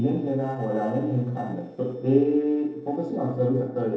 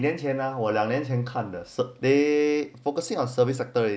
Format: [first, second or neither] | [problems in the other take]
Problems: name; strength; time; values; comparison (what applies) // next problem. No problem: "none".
second | noise reduction (neural separator model SepFormer DNS4)